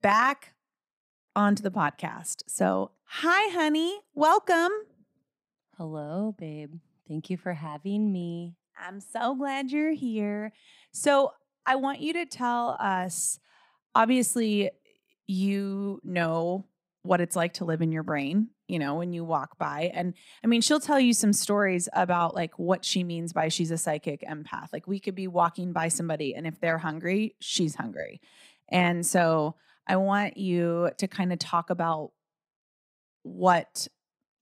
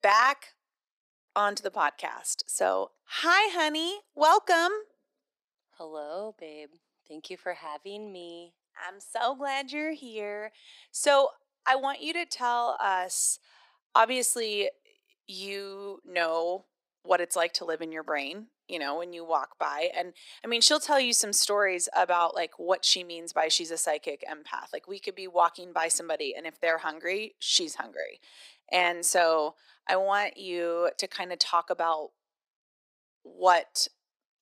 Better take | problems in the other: first | thin; very; fading below 400 Hz

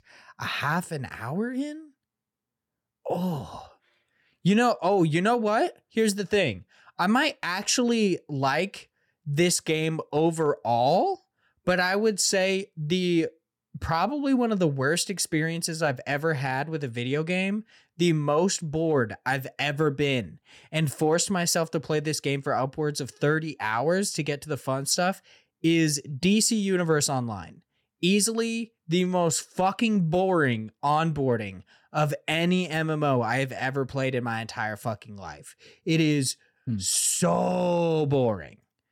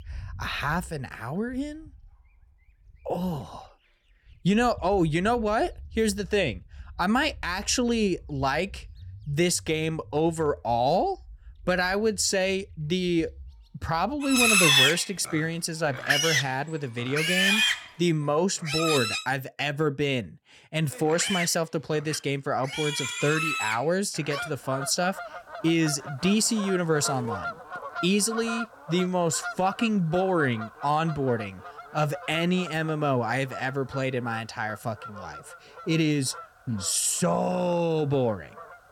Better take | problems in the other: first | animal sounds; loud; throughout; 1 dB below the speech

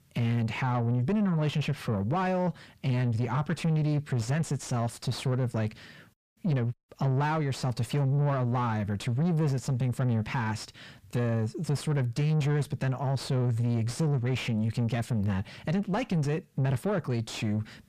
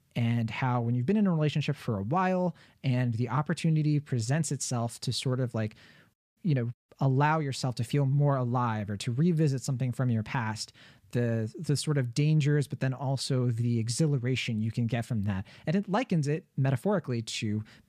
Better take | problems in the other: second | distortion; slight; 10 dB below the speech

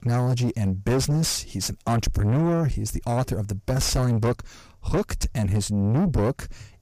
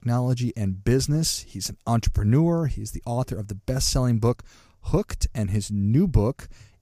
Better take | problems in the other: second | distortion; heavy; 7 dB below the speech

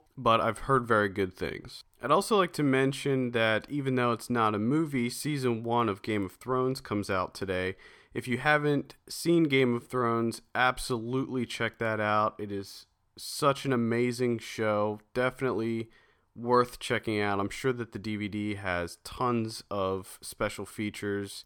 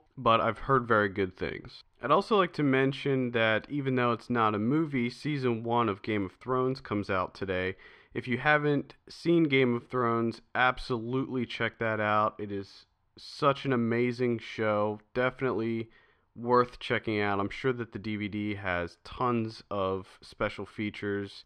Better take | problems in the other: first | muffled; very slightly; fading above 3 kHz

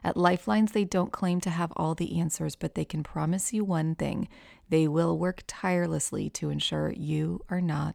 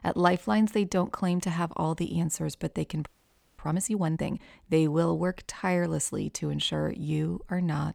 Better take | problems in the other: first | audio freezing; at 3 s for 0.5 s

